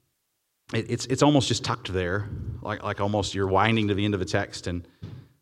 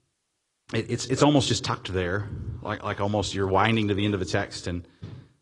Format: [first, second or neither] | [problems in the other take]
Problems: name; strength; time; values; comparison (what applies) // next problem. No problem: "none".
first | garbled, watery; slightly